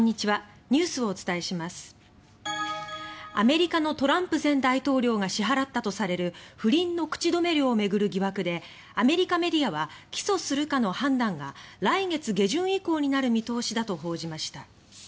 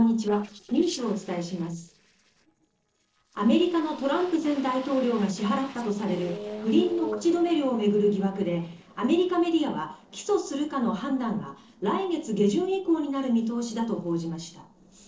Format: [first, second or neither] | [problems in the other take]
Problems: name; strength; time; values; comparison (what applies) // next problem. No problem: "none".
first | noise reduction (neural separator model SepFormer DNS4)